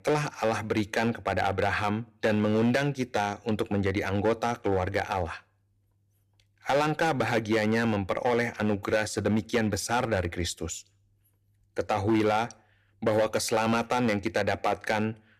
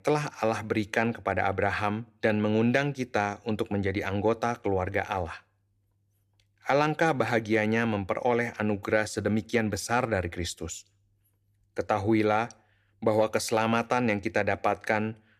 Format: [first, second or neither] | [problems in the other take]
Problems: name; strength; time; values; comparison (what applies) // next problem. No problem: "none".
second | distortion; slight; 6% of the sound clipped